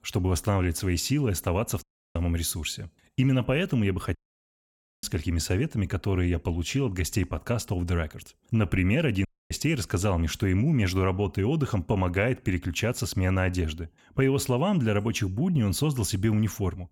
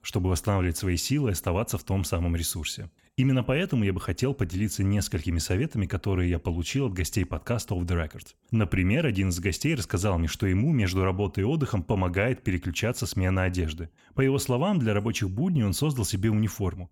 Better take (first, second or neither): second